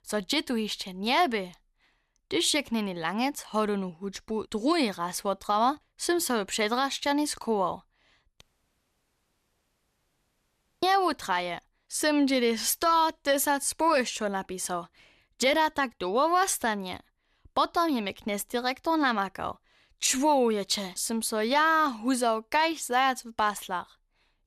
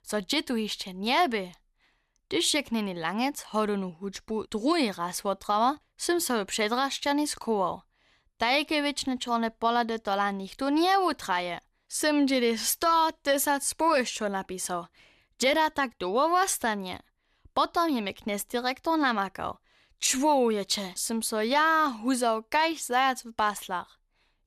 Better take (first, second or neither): second